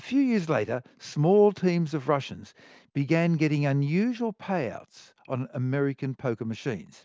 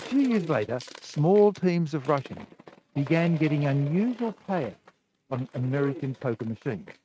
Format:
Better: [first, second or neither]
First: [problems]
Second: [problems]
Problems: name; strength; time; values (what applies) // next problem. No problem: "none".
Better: first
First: none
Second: noise reduction (neural mask model RNNoise)